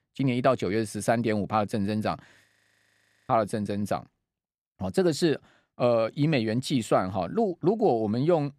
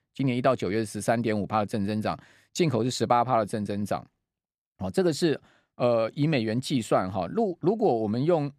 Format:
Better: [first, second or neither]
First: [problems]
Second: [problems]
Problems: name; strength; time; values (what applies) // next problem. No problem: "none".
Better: second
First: audio freezing; at 2.5 s for 1 s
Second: none